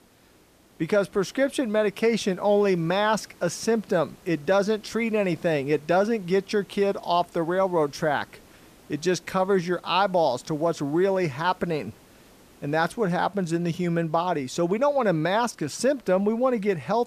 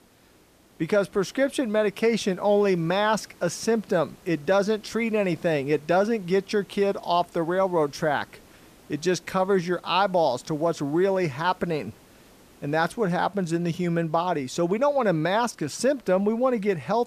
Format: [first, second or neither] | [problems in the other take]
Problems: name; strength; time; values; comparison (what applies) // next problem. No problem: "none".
neither | hiss; faint; throughout; 30 dB below the speech; the same in both